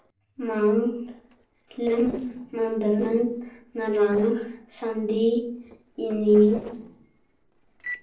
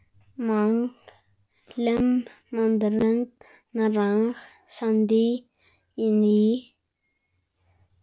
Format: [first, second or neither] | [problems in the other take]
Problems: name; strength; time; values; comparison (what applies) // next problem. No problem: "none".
second | noise reduction (neural separator model SepFormer DNS4)